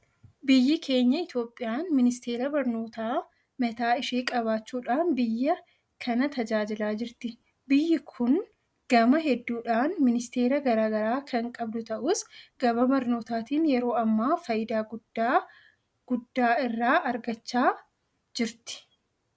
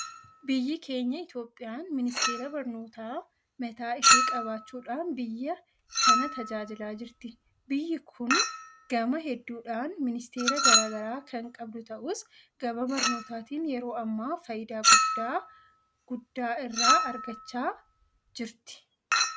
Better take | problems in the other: first | background sound (Chink, clink); 3 dB above the speech

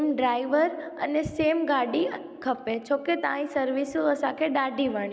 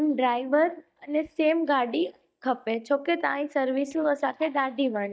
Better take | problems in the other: first | noise reduction (neural mask model DeepFilterNet 3)

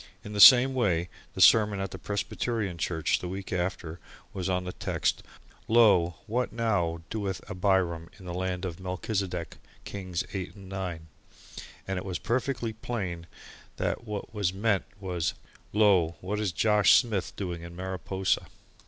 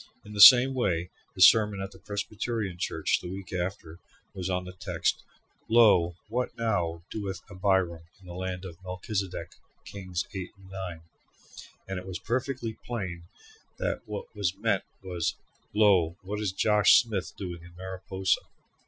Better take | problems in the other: first | noise reduction (classical method Wiener filter)

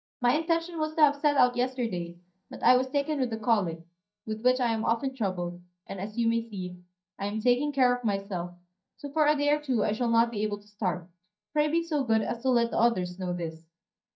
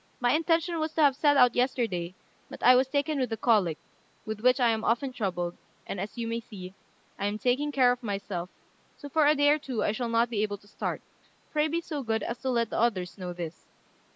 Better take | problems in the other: second | noise reduction (neural mask model DeepFilterNet 3)

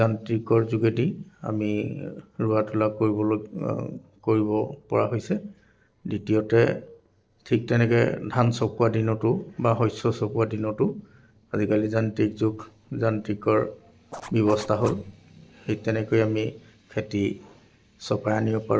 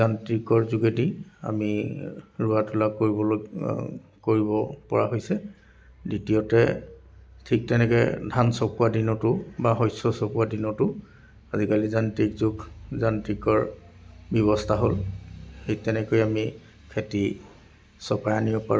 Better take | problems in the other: second | noise reduction (neural separator model SepFormer DNS4)

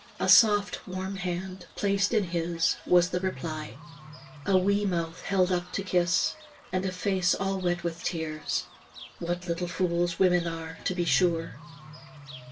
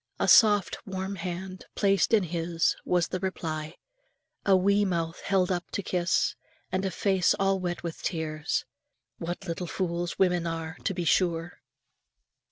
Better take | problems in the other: second | background sound (Bird / Fowl); 18 dB below the speech // room echo; dies away in 0.2 s

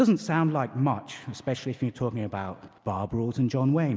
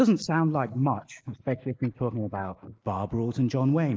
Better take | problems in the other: first | noise reduction (neural mask model Resemble Enhance denoiser)

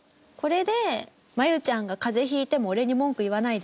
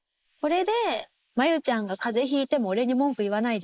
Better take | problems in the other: first | noise reduction (neural mask model Resemble Enhance denoiser)

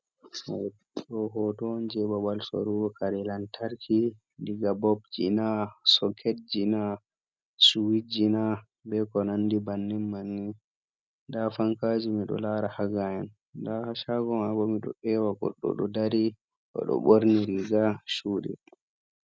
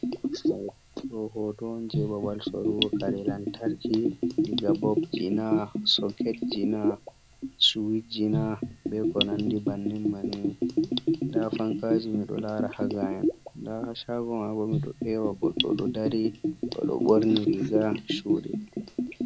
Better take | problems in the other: first | background sound (Bathtub (filling or washing) / Gurgling); as loud as the speech

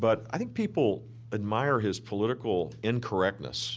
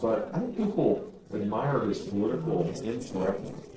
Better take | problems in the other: first | noise reduction (neural separator model SepFormer DNS4)

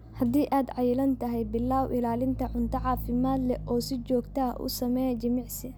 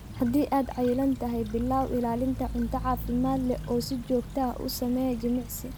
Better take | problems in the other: first | background sound (Stream / Trickle, dribble); 15 dB below the speech

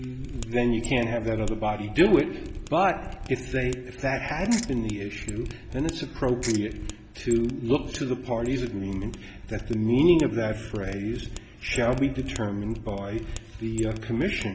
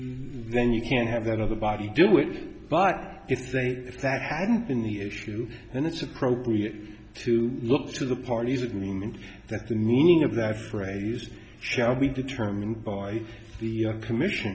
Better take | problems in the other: second | background sound (Ratchet, pawl + Mechanisms); 11 dB below the speech

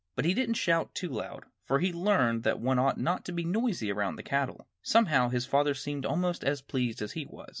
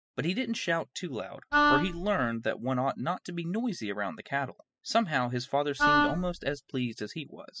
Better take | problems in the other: first | noise reduction (classical method spectral subtraction)

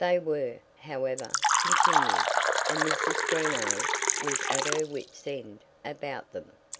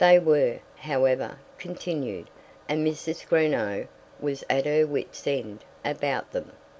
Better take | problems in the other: second | background sound (Fill (with liquid)); 4 dB above the speech

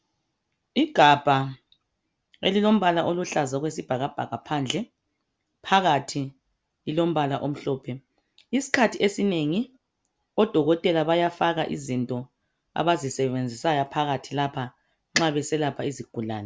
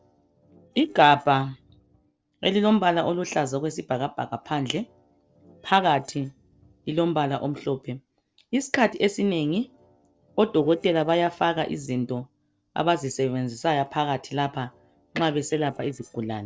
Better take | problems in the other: first | noise reduction (neural separator model SepFormer DNS4)

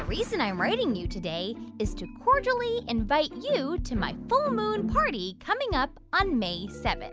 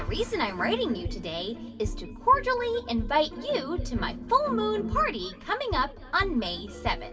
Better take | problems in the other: first | room echo; dies away in 2.5 s

